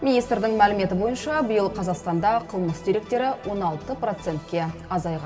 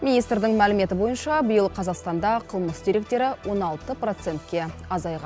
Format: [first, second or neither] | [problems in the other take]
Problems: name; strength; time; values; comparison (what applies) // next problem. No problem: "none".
second | room echo; dies away in 1.9 s